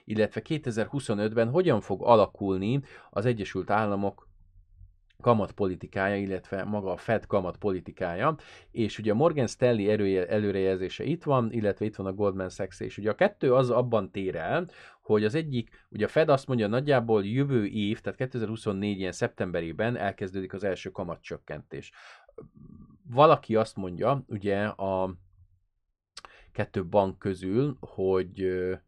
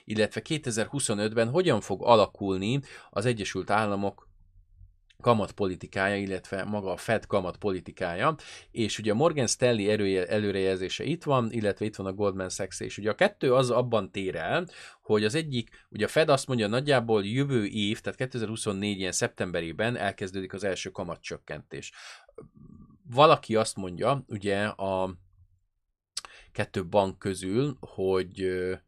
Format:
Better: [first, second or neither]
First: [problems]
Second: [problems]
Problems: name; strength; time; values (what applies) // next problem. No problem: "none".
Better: second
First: muffled; slightly; fading above 1.5 kHz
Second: none